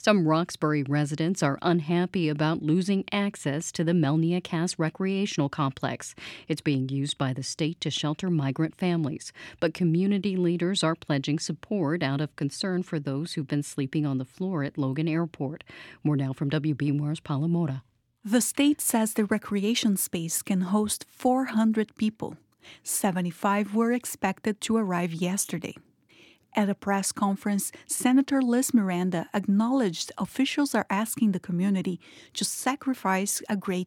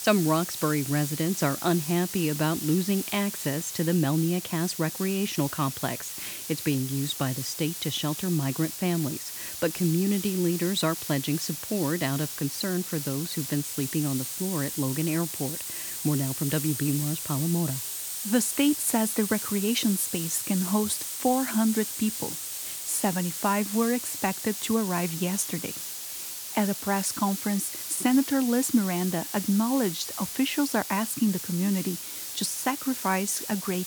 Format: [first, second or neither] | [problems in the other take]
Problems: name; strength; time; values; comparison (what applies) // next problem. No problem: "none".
first | hiss; loud; throughout; 5 dB below the speech